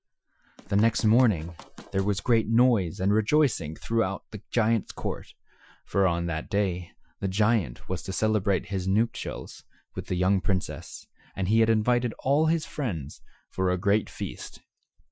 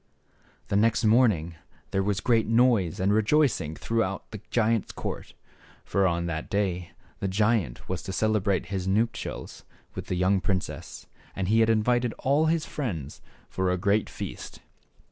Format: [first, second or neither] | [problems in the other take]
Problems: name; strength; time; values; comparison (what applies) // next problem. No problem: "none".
second | noise reduction (classical method Wiener filter)